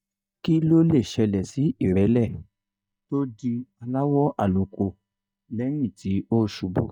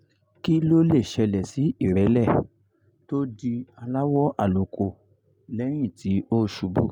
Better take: second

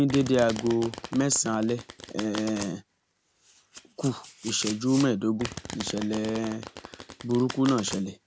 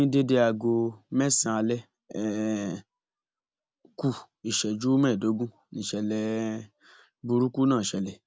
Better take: second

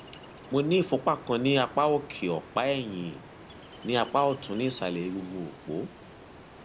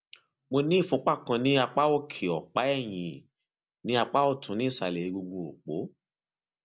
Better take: second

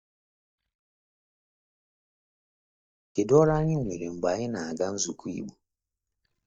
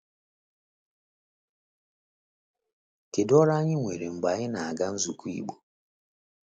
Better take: second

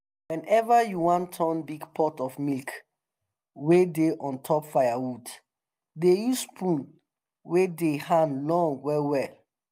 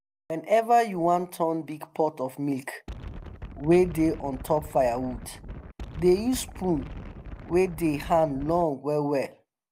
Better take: first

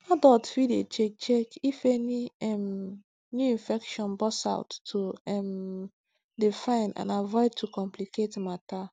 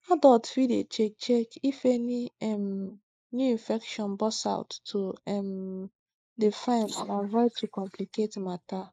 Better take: first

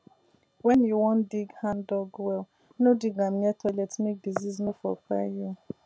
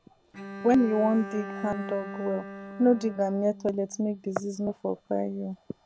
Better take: first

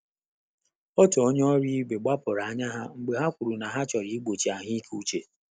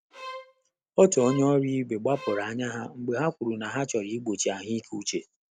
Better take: first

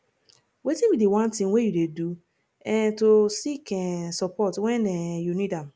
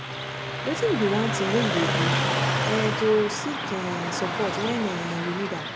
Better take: first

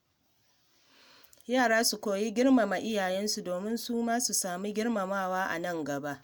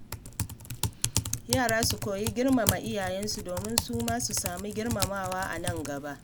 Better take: first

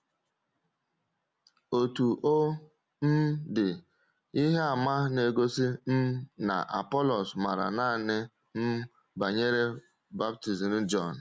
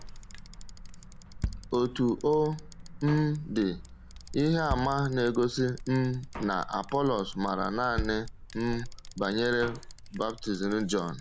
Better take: first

